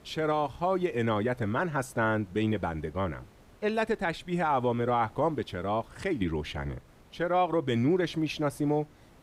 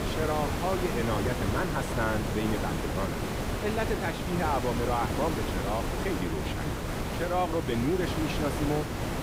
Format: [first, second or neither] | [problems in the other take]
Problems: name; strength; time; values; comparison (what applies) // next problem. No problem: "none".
first | hiss; loud; throughout; as loud as the speech; faint in the first